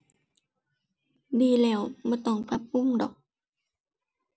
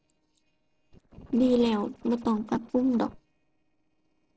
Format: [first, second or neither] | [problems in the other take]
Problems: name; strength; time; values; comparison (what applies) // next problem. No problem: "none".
first | noise reduction (neural separator model SepFormer DNS4)